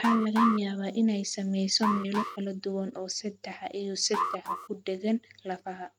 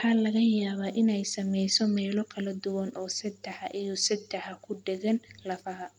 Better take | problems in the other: second | noise reduction (neural mask model RNNoise)

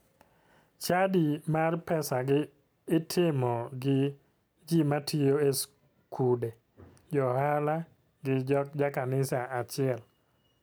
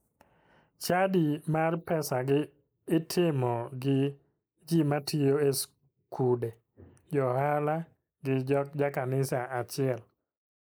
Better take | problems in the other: first | noise reduction (neural mask model Resemble Enhance denoiser)

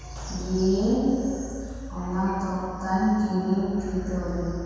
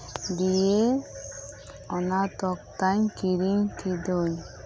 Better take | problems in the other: second | room echo; dies away in 2.1 s

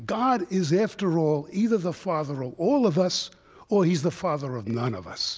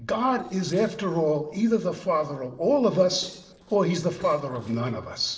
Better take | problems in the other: first | noise reduction (neural separator model SepFormer DNS4)

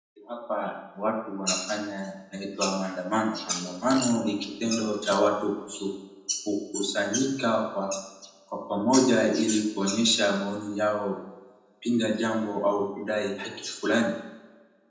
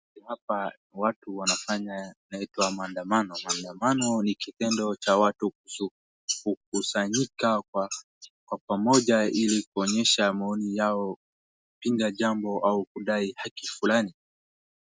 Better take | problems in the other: second | background sound (Fart); 17 dB below the speech // room echo; dies away in 0.8 s

